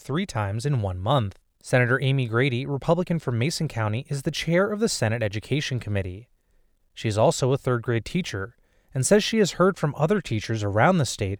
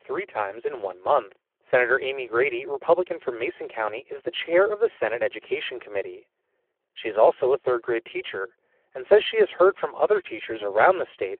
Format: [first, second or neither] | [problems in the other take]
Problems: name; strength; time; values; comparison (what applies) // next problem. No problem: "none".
first | phone-call audio; poor line